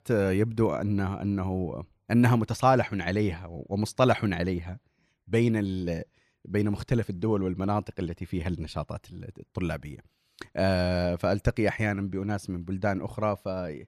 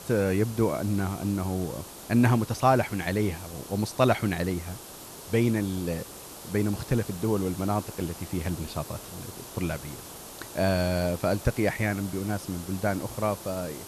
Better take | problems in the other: first | hiss; noticeable; throughout; 15 dB below the speech

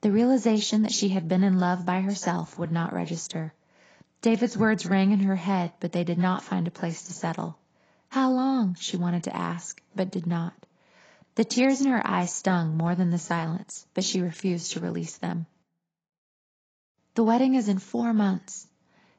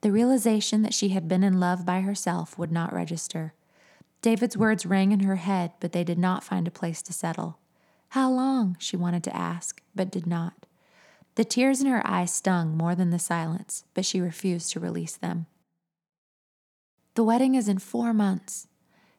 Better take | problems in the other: second | garbled, watery; badly; nothing above 7.5 kHz

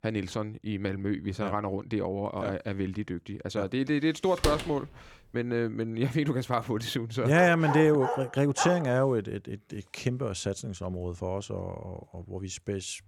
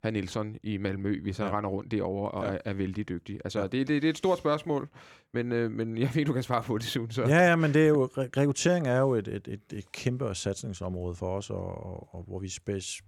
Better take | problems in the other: second | door banging; noticeable; at 4.5 s; peak 3 dB below the speech // dog barking; noticeable; from 7.5 to 9 s; peak 3 dB below the speech

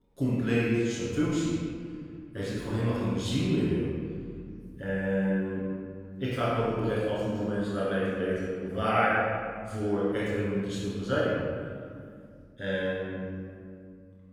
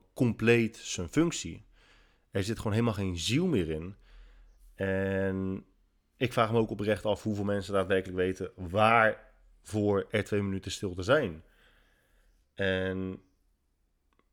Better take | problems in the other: second | off-mic speech; far // room echo; strong; dies away in 2.2 s

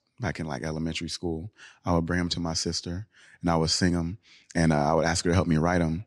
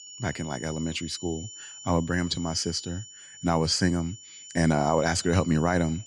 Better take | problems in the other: first | high-pitched whine; noticeable; throughout; 7 kHz, 15 dB below the speech

